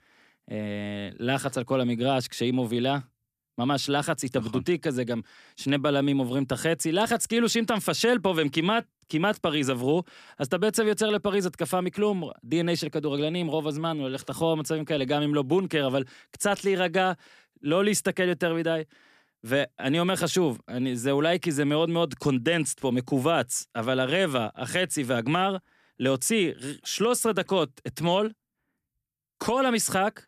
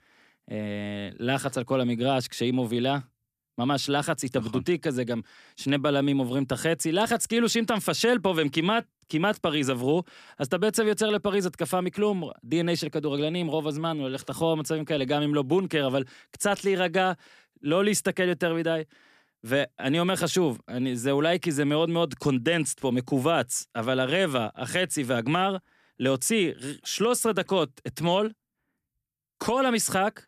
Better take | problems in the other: neither | none

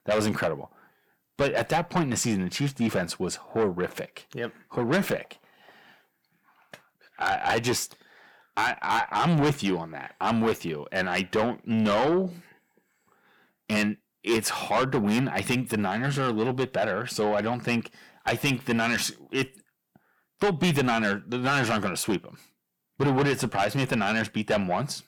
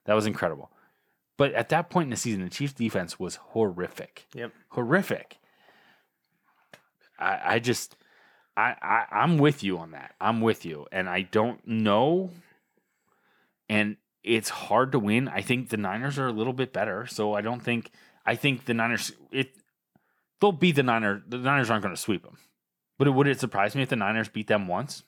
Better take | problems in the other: second | distortion; heavy; 6 dB below the speech

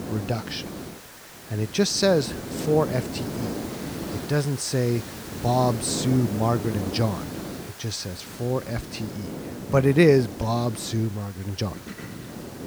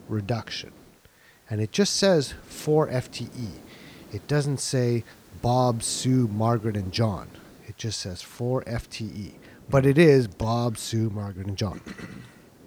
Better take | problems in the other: second | hiss; loud; throughout; 10 dB below the speech; faint in the second

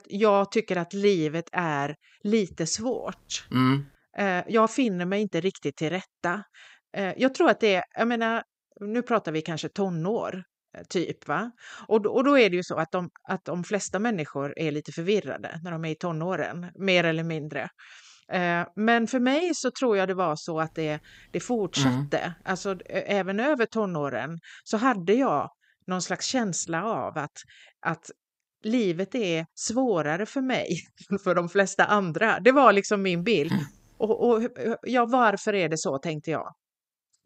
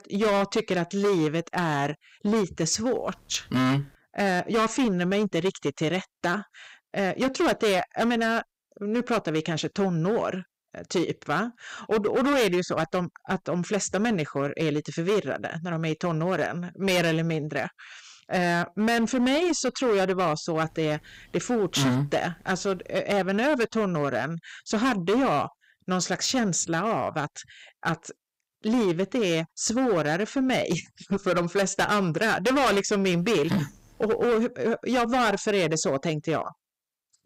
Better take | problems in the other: first | distortion; heavy; 12% of the sound clipped

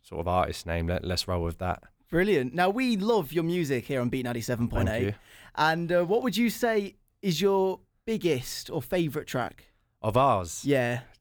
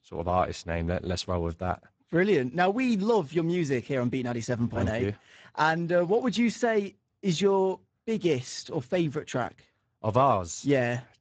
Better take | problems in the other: first | garbled, watery; badly; nothing above 7.5 kHz

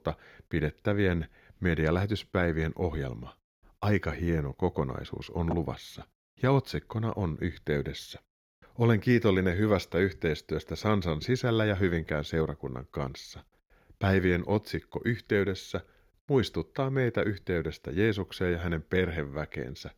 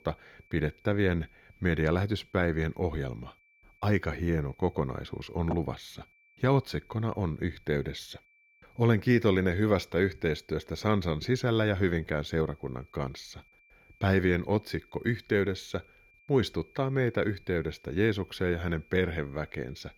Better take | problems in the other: first | high-pitched whine; faint; throughout; 2.5 kHz, 30 dB below the speech

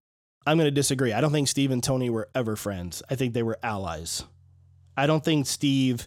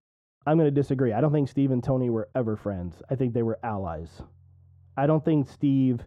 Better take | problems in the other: first | muffled; very; fading above 2.5 kHz

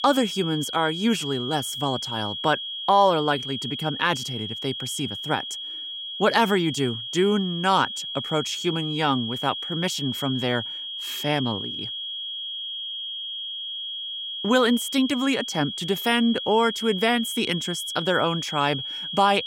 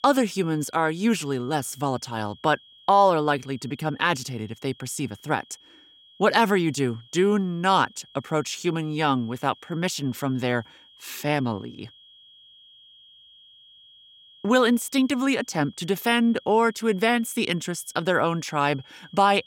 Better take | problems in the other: second | high-pitched whine; loud; throughout; 3.5 kHz, 6 dB below the speech; faint in the second

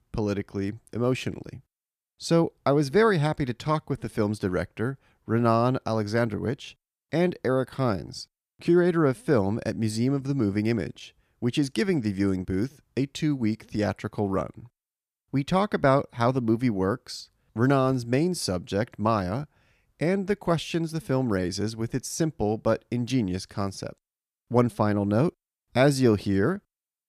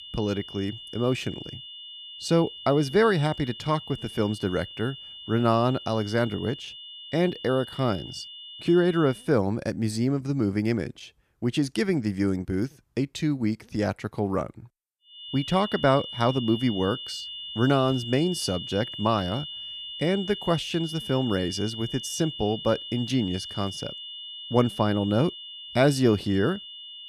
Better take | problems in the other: first | high-pitched whine; noticeable; until 9 s and from 15 s on; 3 kHz, 10 dB below the speech

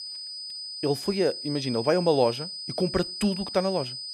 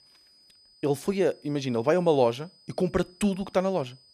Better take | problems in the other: second | high-pitched whine; loud; throughout; 5 kHz, 7 dB below the speech; faint in the second

